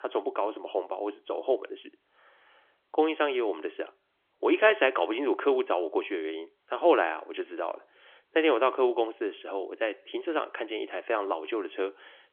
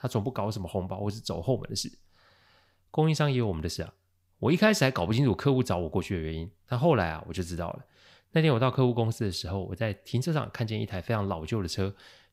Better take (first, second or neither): second